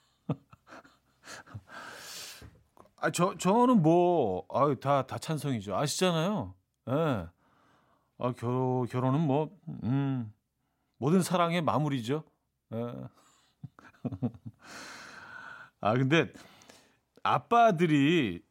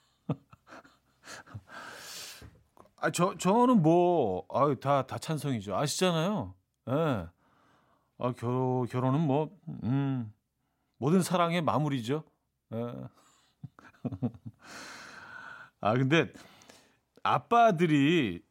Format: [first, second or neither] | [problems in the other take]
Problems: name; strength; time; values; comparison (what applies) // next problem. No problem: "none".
neither | none